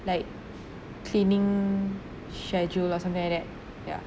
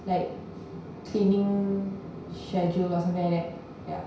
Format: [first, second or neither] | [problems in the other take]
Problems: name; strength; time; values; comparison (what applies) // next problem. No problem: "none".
first | room echo; dies away in 0.6 s